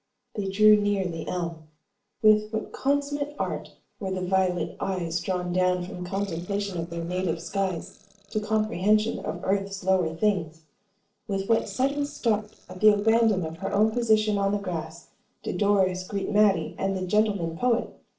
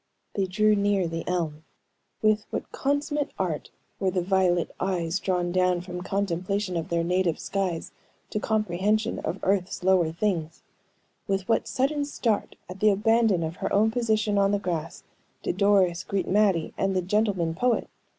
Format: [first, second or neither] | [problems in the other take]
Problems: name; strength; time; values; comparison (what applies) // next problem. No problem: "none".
second | noise reduction (neural separator model SepFormer DNS4)